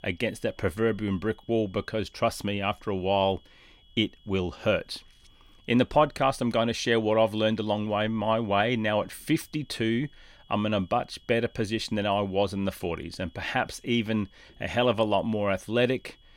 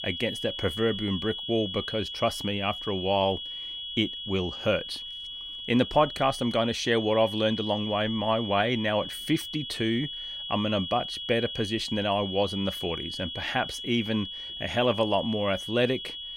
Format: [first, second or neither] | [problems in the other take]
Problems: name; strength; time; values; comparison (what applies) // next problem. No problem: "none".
first | high-pitched whine; loud; throughout; 3.5 kHz, 6 dB below the speech; faint in the first